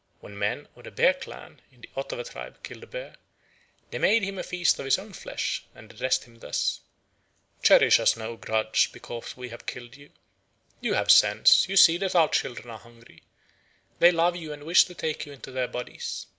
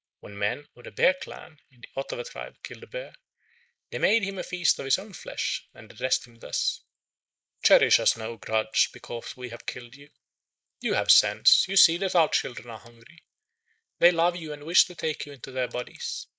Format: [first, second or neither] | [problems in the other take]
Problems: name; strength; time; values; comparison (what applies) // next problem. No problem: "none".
first | noise reduction (neural mask model Resemble Enhance denoiser)